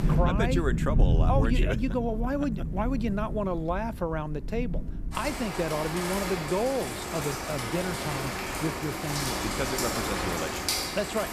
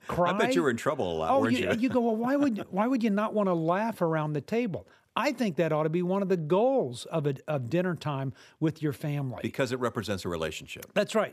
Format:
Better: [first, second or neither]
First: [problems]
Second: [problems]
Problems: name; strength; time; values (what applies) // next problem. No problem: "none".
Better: second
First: rain or running water; very loud; throughout; 1 dB above the speech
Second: none